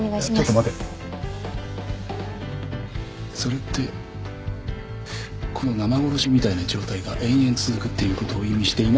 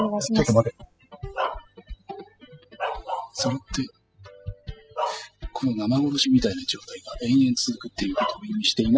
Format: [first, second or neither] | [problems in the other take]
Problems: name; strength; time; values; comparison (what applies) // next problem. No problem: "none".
first | noise reduction (classical method spectral subtraction)